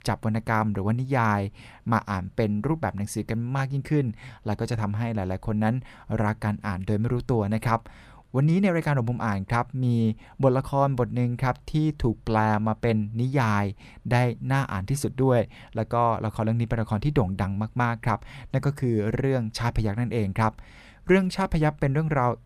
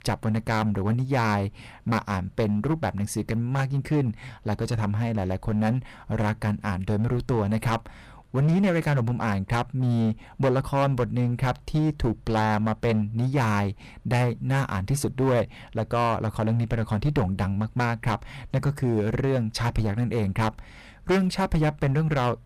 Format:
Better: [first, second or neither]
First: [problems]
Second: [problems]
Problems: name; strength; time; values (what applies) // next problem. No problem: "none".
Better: first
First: none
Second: distortion; slight; 8% of the sound clipped